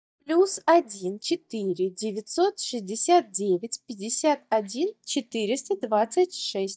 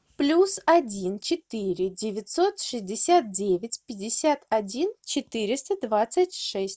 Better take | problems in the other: second | noise reduction (neural mask model DeepFilterNet 3)

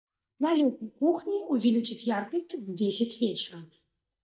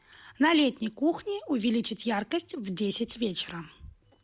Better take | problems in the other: second | noise reduction (neural mask model DeepFilterNet 3)

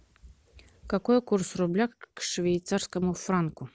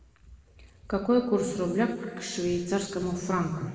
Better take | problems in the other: first | room echo; dies away in 2 s

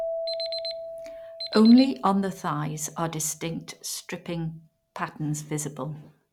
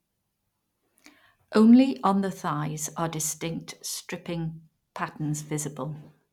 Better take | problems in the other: second | background sound (Alarm + Keyboard (musical)); 11 dB below the speech

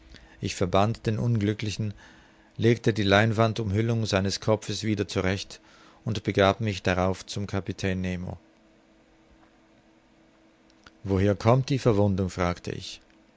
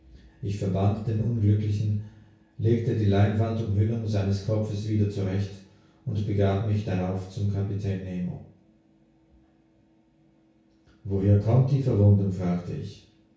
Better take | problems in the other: first | room echo; dies away in 0.6 s

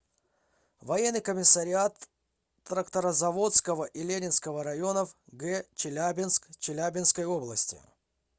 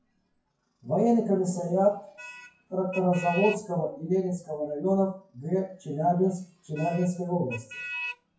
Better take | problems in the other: first | noise reduction (classical method WPE with log-MMSE)

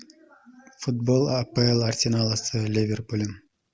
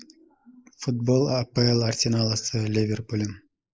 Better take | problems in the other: first | noise reduction (neural mask model Resemble Enhance denoiser)

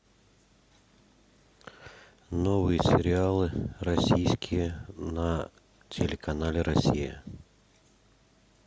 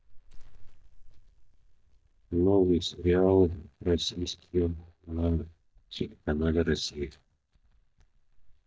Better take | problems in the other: first | noise reduction (neural mask model DeepFilterNet 3)

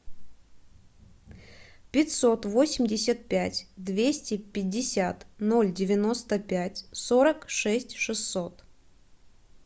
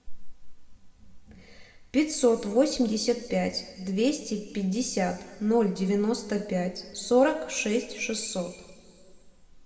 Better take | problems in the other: first | room echo; dies away in 1.7 s

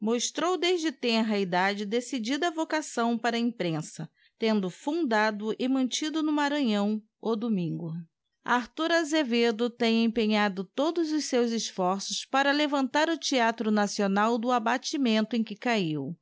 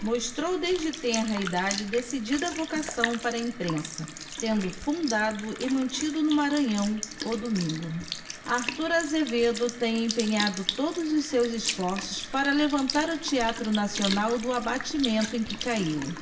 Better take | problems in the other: first | background sound (Sink (filling or washing) / Liquid); 9 dB below the speech // room echo; dies away in 0.9 s

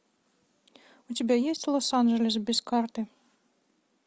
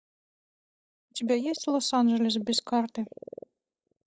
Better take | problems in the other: first | noise reduction (neural mask model DeepFilterNet 3)

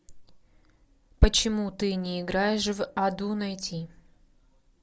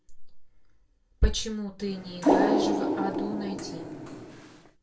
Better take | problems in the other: first | background sound (Water); 5 dB above the speech // room echo; dies away in 0.2 s

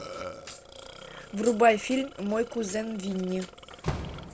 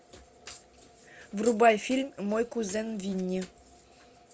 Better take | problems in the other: second | background sound (Burping, eructation + Slam); 11 dB below the speech

